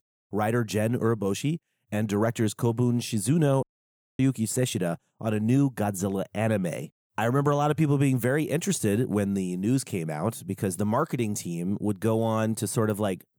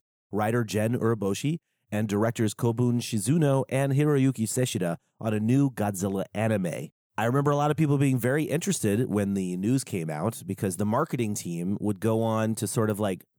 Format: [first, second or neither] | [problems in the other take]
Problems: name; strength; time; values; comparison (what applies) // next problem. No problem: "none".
second | audio cutting out; at 3.5 s for 0.5 s